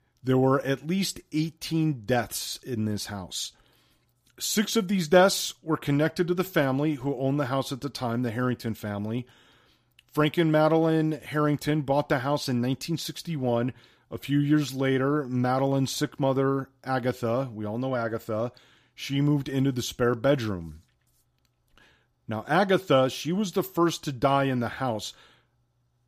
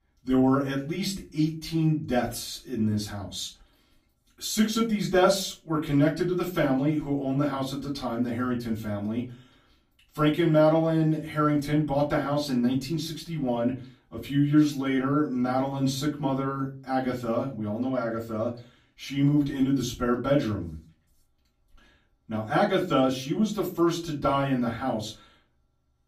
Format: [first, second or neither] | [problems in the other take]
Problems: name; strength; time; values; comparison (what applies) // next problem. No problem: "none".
first | off-mic speech; far // room echo; very slight; dies away in 0.3 s